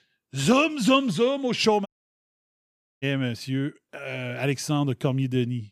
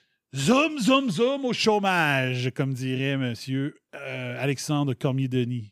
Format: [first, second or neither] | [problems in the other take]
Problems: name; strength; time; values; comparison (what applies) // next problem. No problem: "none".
second | audio cutting out; at 2 s for 1 s